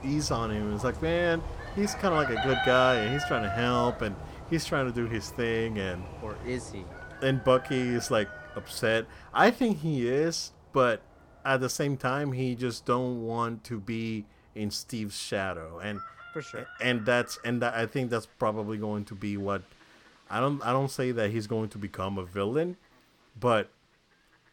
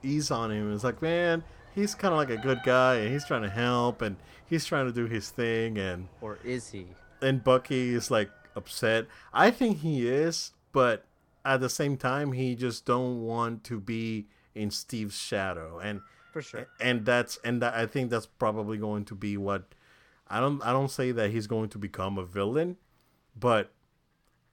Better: second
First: animal sounds; loud; throughout; 8 dB below the speech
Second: animal sounds; faint; throughout; 20 dB below the speech

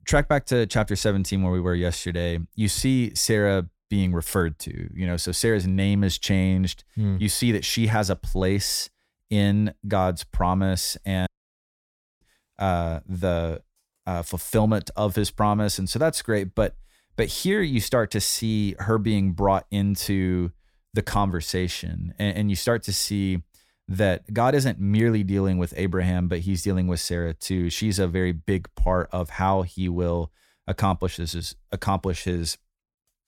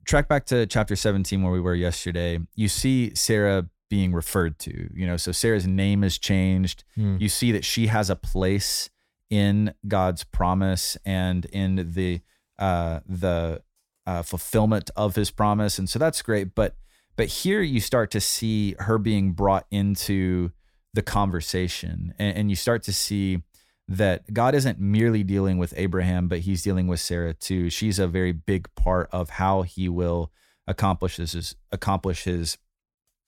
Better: second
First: audio cutting out; at 11 s for 1 s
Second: none

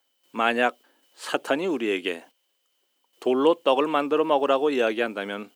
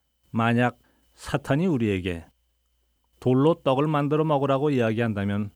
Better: second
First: thin; somewhat; fading below 300 Hz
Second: none

